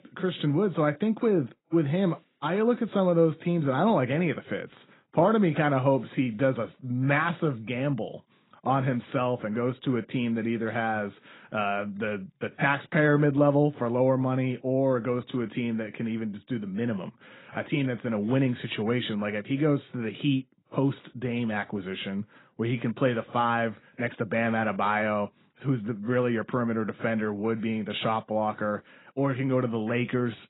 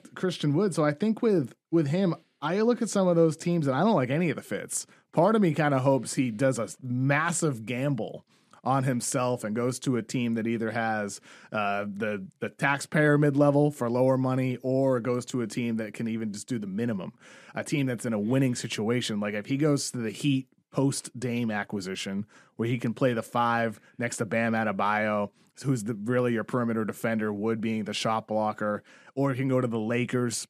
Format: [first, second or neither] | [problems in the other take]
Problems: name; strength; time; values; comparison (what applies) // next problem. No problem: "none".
second | garbled, watery; badly; nothing above 4 kHz